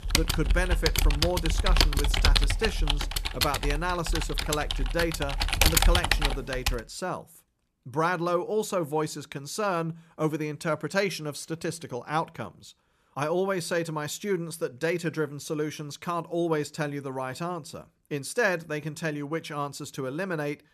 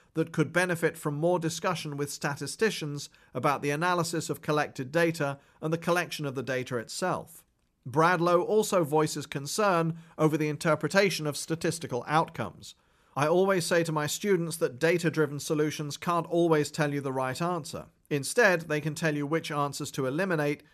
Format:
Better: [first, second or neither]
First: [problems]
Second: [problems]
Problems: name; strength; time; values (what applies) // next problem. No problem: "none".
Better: second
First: household noises; very loud; until 6.5 s; 4 dB above the speech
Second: none